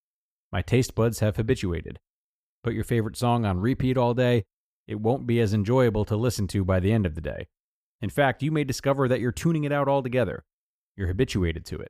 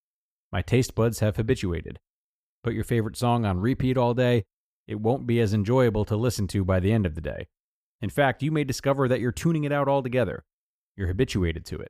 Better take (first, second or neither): neither